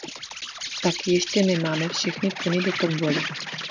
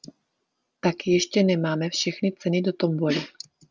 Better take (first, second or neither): second